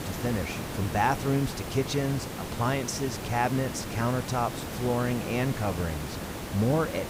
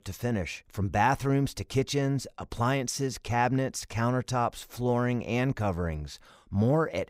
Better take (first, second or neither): second